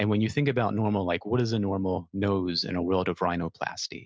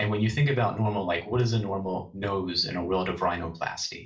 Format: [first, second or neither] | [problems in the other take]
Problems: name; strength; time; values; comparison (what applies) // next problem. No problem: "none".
first | room echo; dies away in 0.3 s